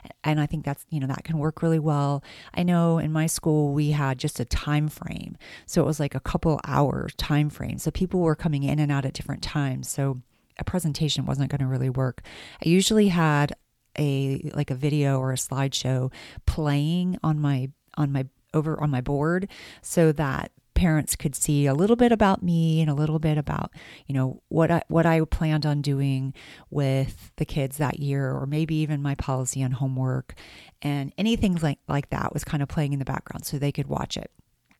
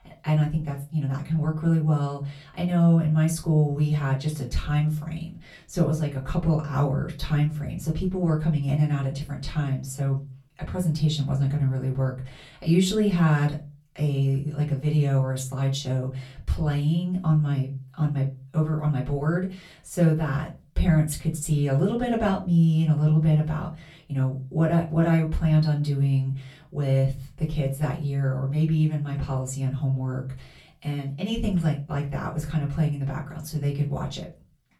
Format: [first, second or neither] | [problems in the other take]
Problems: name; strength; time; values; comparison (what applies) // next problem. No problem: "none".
first | off-mic speech; far // room echo; very slight; dies away in 0.3 s